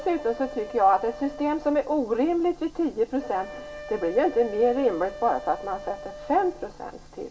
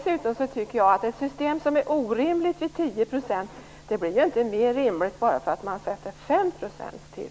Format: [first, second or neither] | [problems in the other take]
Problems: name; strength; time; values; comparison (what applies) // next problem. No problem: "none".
second | background sound (Wind instrument, woodwind instrument); 16 dB below the speech // room echo; dies away in 0.2 s